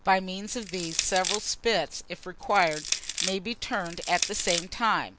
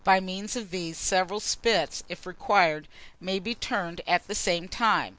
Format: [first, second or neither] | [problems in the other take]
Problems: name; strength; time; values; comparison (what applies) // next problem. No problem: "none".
second | background sound (Crushing); 4 dB below the speech